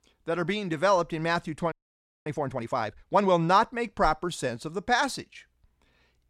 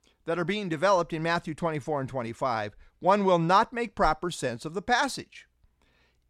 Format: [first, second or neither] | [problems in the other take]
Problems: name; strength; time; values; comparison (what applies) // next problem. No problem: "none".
second | audio freezing; at 1.5 s for 0.5 s